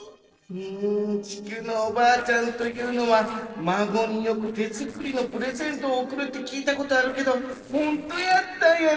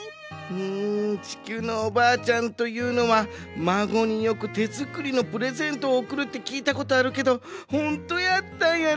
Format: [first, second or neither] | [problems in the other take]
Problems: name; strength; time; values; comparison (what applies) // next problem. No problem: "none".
second | noise reduction (neural separator model SepFormer DNS4)